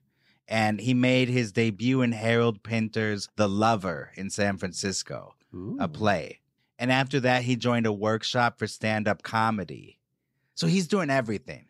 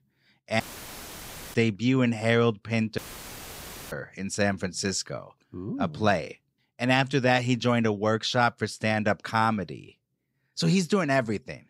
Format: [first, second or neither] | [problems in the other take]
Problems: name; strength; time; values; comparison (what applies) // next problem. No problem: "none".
first | audio cutting out; filled with static; at 0.5 s for 1 s and at 3 s for 1 s